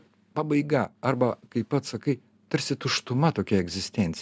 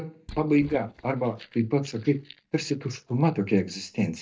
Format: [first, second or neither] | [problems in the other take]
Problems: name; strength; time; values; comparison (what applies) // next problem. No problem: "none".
first | noise reduction (neural mask model DeepFilterNet 3)